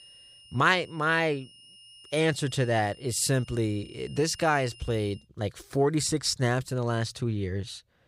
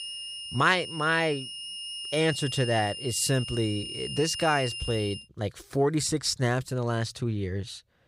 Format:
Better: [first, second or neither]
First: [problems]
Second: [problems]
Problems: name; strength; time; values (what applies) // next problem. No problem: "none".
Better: first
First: high-pitched whine; faint; until 5 s; 3 kHz, 20 dB below the speech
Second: high-pitched whine; loud; until 5 s; 3 kHz, 7 dB below the speech